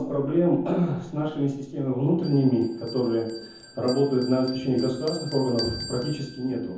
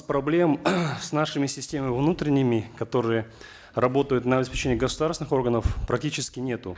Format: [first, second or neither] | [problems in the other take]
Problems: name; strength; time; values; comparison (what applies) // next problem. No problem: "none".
second | background sound (Bell); 17 dB below the speech // room echo; dies away in 0.7 s